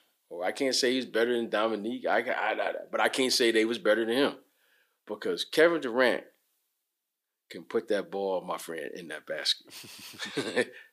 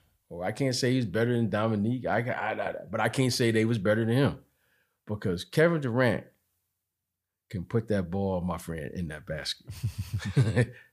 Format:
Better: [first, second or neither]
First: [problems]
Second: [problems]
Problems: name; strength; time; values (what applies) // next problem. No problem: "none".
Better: second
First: thin; somewhat; fading below 300 Hz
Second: none